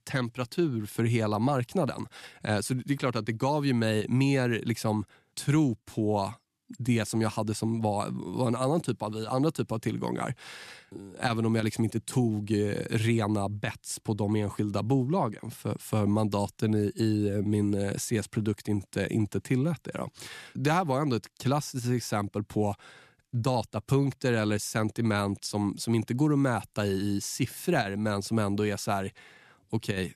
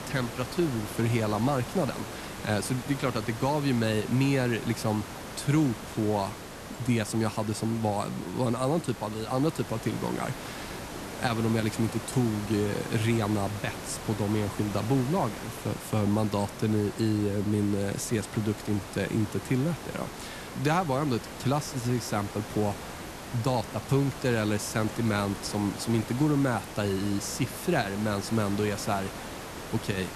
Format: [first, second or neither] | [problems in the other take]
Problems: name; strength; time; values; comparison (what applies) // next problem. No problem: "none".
first | hiss; noticeable; throughout; 10 dB below the speech